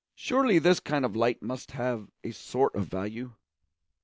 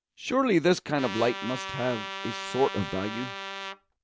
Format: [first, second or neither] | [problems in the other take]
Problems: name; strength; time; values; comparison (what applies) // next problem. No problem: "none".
first | background sound (Trumpet); 8 dB below the speech